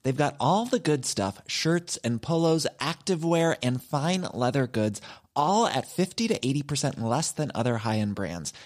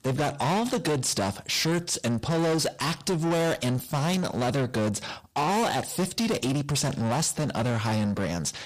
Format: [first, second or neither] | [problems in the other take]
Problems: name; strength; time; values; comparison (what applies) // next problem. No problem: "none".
first | distortion; heavy; 7 dB below the speech